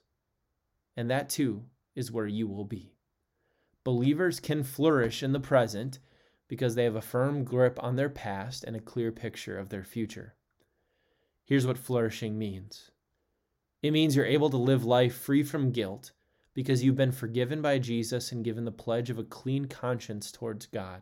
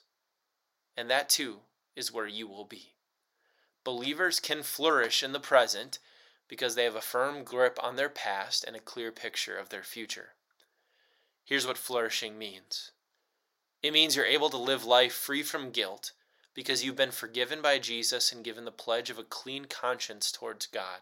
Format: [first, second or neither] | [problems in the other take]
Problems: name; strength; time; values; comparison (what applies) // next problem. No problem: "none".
first | thin; very; fading below 750 Hz